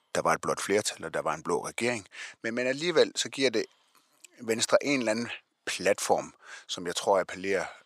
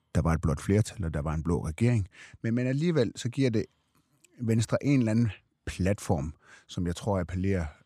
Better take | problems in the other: second | thin; very; fading below 600 Hz

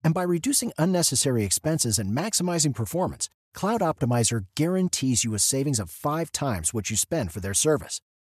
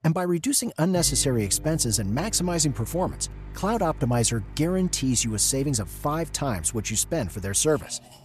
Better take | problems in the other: first | household noises; noticeable; throughout; 15 dB below the speech

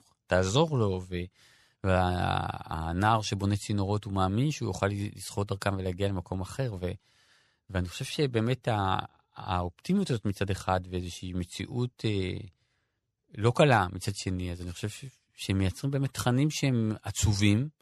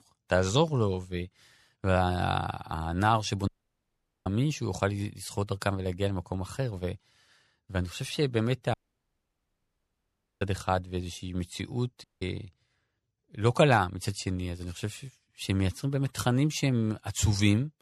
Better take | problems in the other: first | audio cutting out; at 3.5 s for 1 s, at 8.5 s for 1.5 s and at 12 s

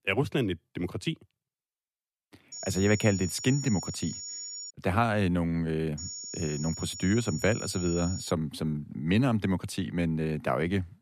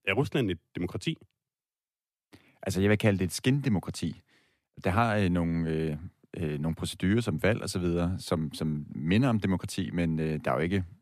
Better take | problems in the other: second | high-pitched whine; loud; from 2.5 to 4.5 s and from 6 to 8.5 s; 7 kHz, 8 dB below the speech

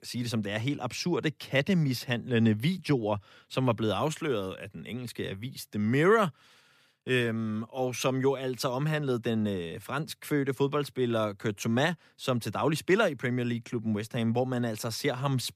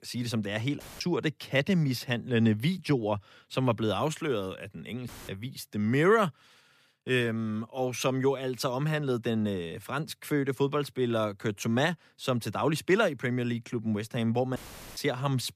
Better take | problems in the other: first | audio cutting out; filled with static; at 1 s, at 5 s and at 15 s

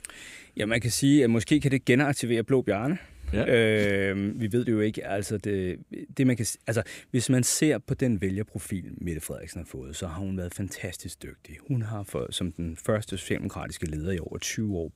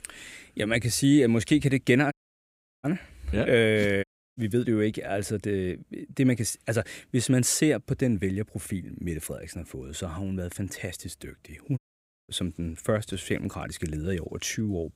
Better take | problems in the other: first | audio cutting out; at 2 s for 0.5 s, at 4 s and at 12 s for 0.5 s

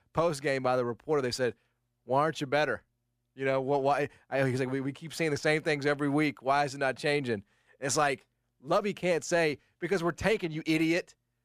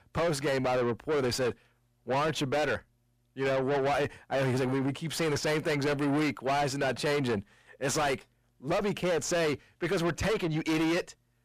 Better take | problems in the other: first | distortion; heavy; 5 dB below the speech

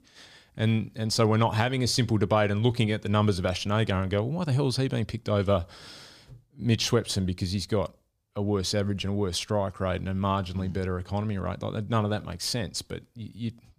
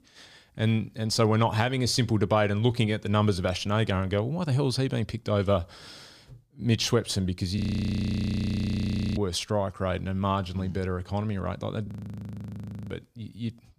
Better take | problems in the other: first | audio freezing; at 7.5 s for 1.5 s and at 12 s for 1 s

